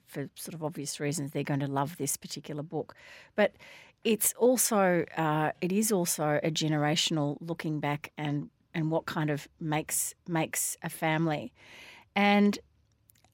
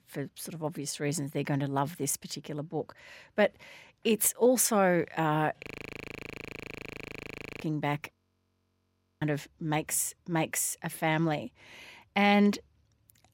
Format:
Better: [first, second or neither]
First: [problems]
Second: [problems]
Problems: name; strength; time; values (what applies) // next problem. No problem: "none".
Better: first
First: none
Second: audio freezing; at 5.5 s for 2 s and at 8 s for 1 s